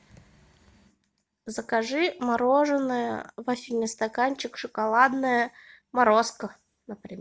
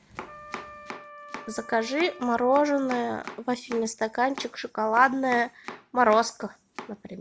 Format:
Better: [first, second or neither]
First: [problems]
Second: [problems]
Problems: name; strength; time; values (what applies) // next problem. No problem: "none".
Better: first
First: none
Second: background sound (Wind instrument, woodwind instrument + Domestic sounds, home sounds); 16 dB below the speech